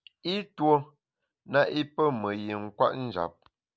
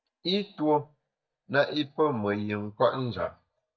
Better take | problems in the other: first | noise reduction (neural mask model DeepFilterNet 3)

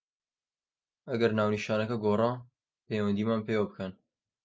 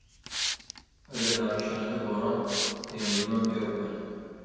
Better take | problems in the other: first | background sound (Hiss); 5 dB below the speech // room echo; dies away in 2.1 s

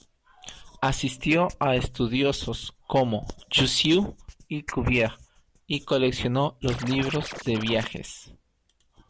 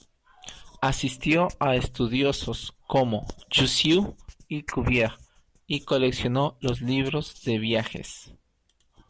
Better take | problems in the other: second | background sound (Scratching (performance technique)); 11 dB below the speech

